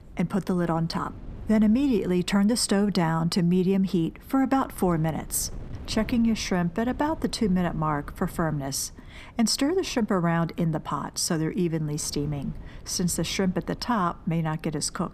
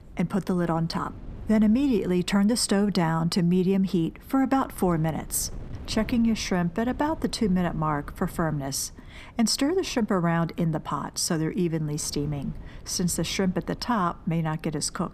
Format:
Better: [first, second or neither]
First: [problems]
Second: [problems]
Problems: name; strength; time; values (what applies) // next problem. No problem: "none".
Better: neither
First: wind noise on the microphone; occasional gusts; 25 dB below the speech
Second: wind noise on the microphone; occasional gusts; 25 dB below the speech